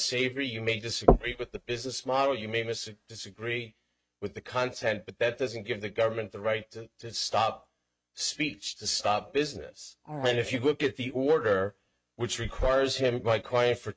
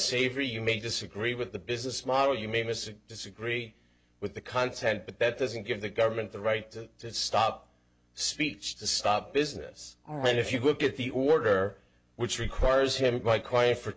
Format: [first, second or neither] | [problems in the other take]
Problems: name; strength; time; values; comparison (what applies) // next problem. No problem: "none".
second | noise reduction (neural mask model RNNoise)